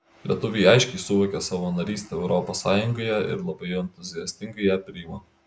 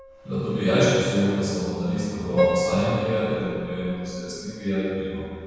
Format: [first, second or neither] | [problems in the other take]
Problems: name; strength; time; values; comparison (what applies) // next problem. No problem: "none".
first | background sound (Piano); 7 dB below the speech // room echo; dies away in 2.1 s